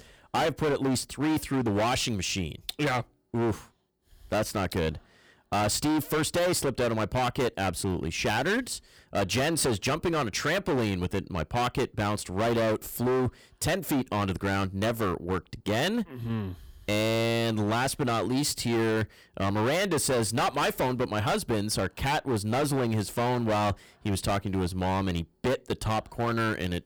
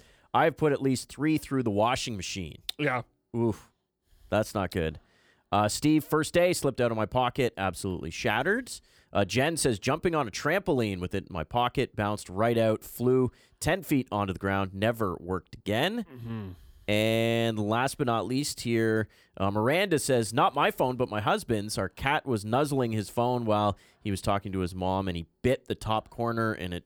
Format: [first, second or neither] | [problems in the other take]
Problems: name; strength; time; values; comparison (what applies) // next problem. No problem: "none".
second | distortion; heavy; 20% of the sound clipped